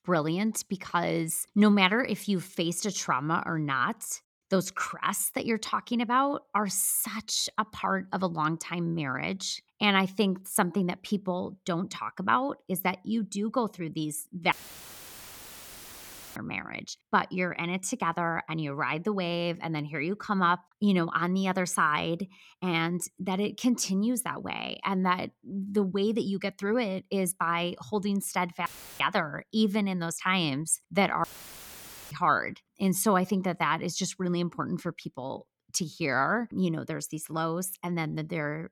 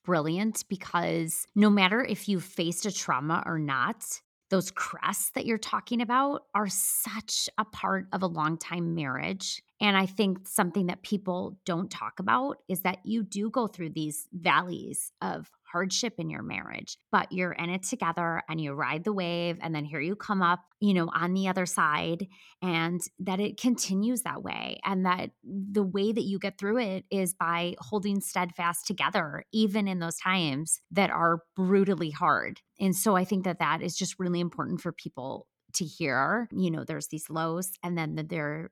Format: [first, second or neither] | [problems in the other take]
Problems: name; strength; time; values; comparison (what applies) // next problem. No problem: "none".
second | audio cutting out; filled with static; at 15 s for 2 s, at 29 s and at 31 s for 1 s